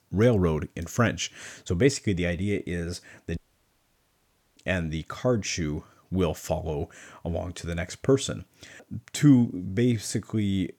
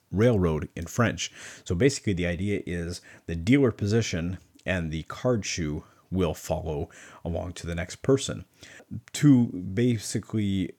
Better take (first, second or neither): second